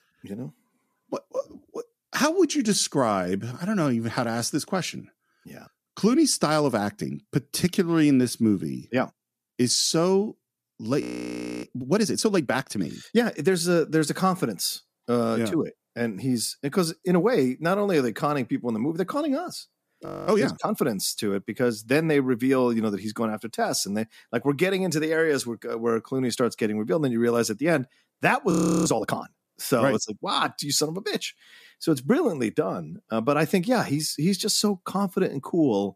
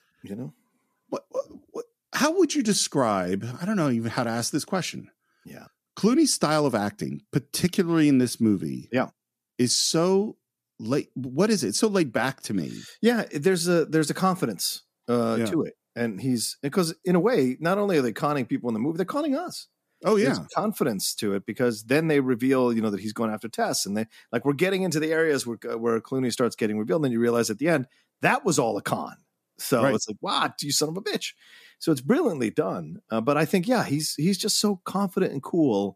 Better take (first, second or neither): second